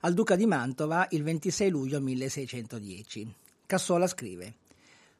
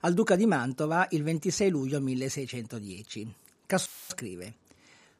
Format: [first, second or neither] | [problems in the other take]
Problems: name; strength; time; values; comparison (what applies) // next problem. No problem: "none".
first | audio cutting out; filled with static; at 4 s